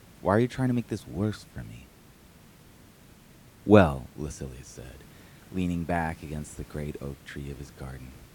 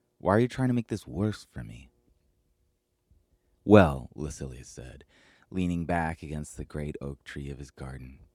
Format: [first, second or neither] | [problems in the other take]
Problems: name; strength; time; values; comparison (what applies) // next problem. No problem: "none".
second | hiss; faint; throughout; 25 dB below the speech